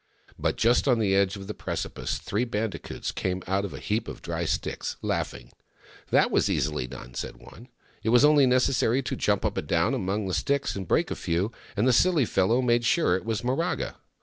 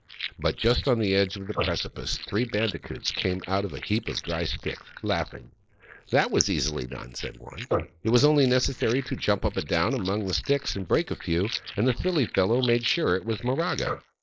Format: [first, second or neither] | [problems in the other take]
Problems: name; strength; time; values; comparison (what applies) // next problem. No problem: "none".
first | noise reduction (neural mask model Resemble Enhance denoiser)